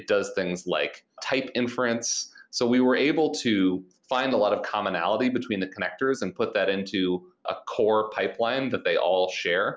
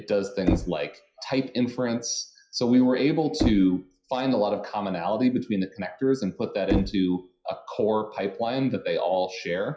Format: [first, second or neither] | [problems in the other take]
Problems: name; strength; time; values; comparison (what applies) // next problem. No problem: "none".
first | noise reduction (classical method WPE with log-MMSE)